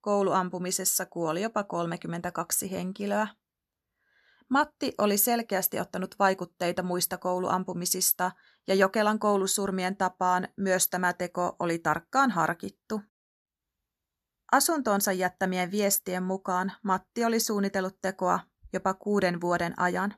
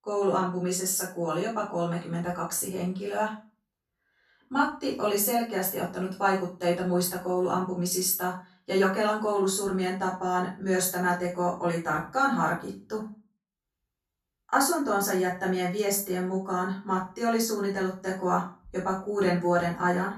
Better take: first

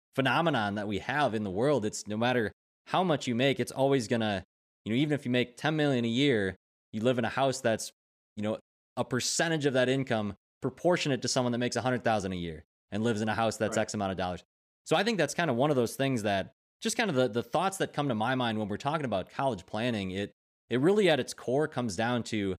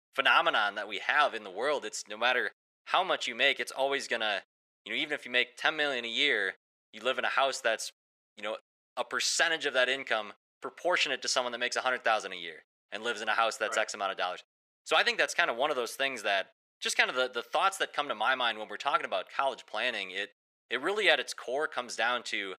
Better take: first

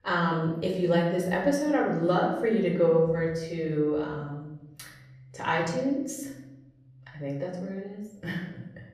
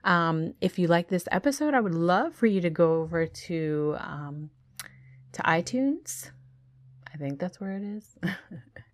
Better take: second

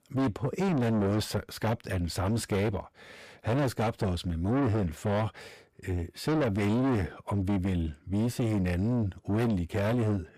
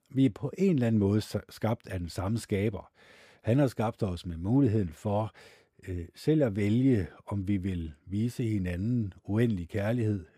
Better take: second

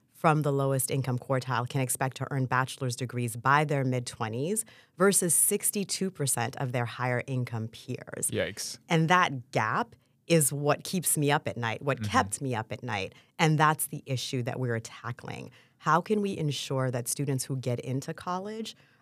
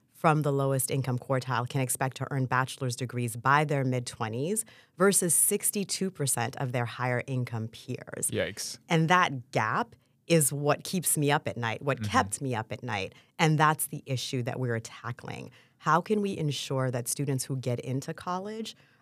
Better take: neither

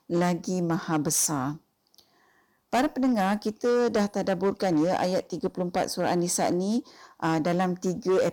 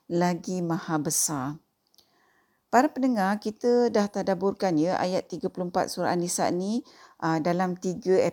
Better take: second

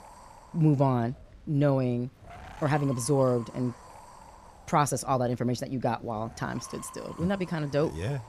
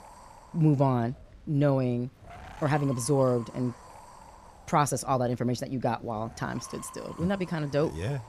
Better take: neither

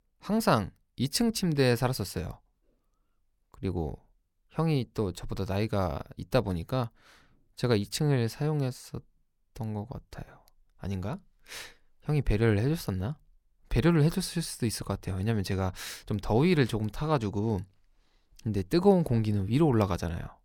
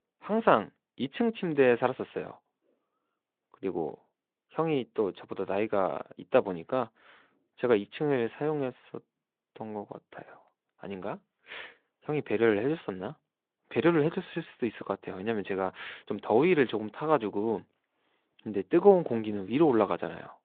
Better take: first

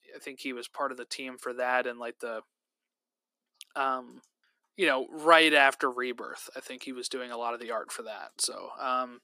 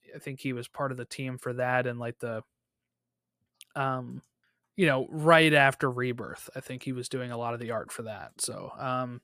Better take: second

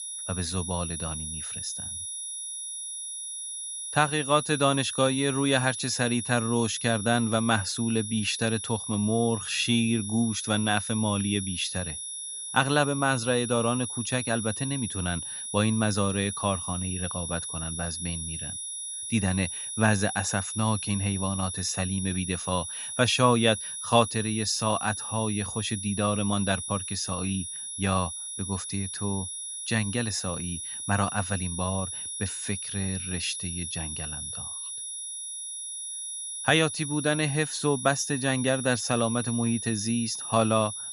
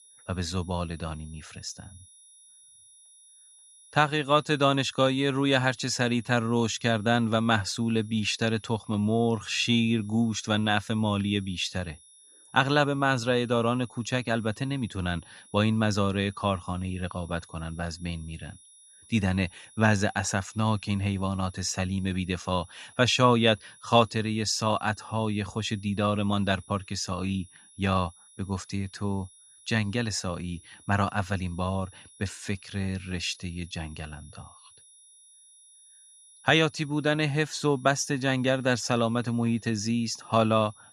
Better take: second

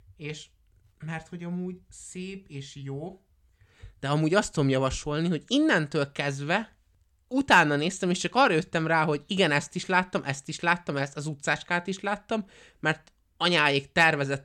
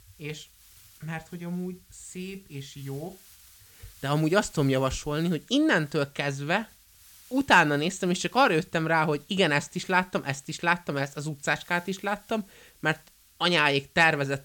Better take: first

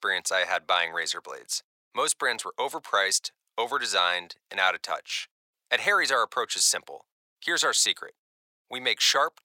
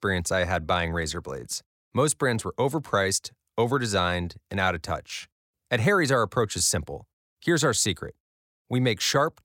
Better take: second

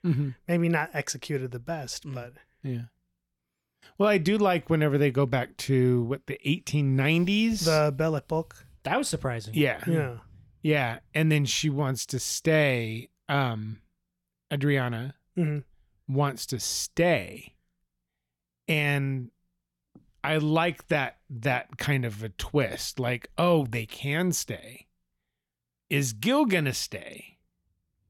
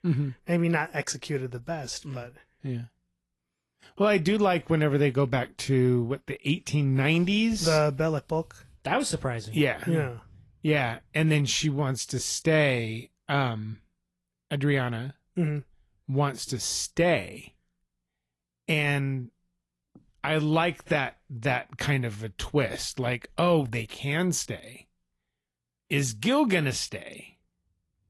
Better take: first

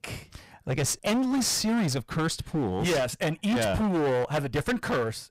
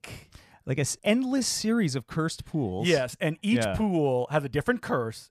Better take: second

